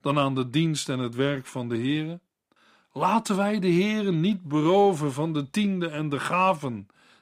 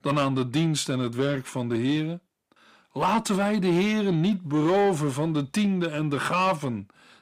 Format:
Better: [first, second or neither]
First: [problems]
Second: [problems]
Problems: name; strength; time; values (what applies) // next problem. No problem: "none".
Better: first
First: none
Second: distortion; slight; 10 dB below the speech